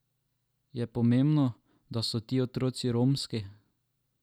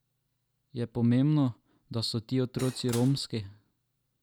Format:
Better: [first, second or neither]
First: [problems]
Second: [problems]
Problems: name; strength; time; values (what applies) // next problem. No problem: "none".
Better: first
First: none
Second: background sound (Cutlery, silverware / Dishes, pots, and pans); 14 dB below the speech